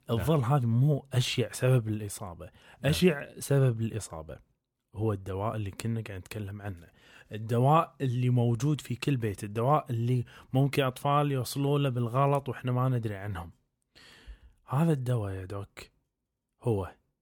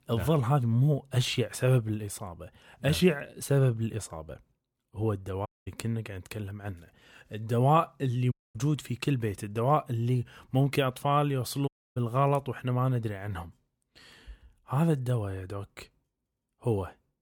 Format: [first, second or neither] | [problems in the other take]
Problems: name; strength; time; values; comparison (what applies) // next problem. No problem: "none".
first | audio cutting out; at 5.5 s, at 8.5 s and at 12 s